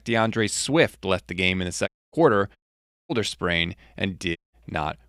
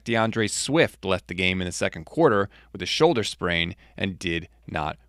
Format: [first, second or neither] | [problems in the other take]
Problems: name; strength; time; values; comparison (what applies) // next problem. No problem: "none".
second | audio cutting out; at 2 s, at 2.5 s for 0.5 s and at 4.5 s